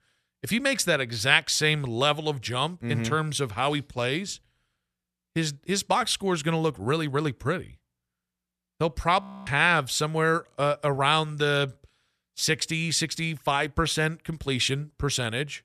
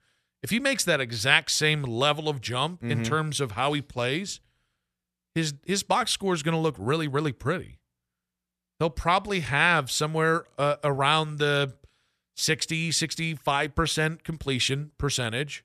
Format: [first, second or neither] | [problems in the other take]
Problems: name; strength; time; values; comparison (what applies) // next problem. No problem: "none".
second | audio freezing; at 9 s